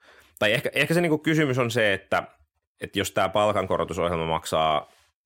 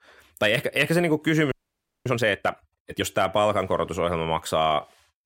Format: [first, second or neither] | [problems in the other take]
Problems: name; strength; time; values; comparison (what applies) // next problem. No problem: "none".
first | audio freezing; at 1.5 s for 0.5 s